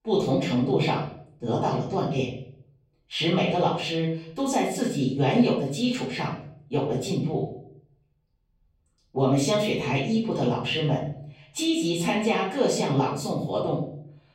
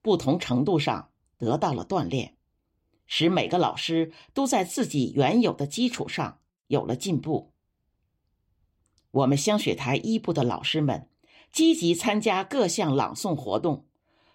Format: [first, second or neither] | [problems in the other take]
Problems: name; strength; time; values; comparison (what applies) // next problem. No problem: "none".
second | off-mic speech; far // room echo; noticeable; dies away in 0.5 s